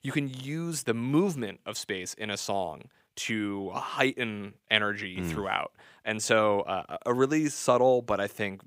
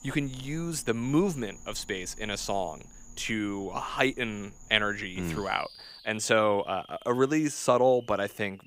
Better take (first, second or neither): first